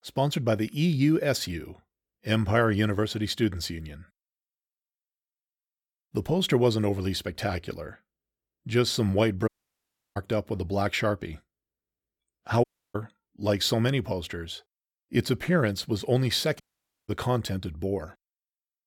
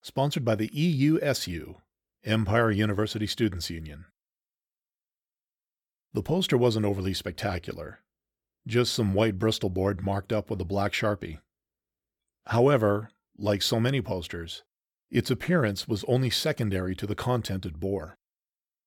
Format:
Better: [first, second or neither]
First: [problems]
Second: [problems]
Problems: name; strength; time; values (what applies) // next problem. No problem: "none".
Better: second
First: audio cutting out; at 9.5 s for 0.5 s, at 13 s and at 17 s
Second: none